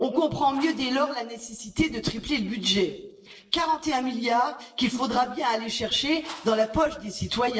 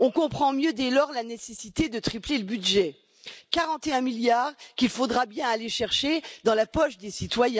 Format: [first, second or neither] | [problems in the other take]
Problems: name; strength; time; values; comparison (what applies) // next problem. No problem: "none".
second | noise reduction (neural separator model SepFormer DNS4)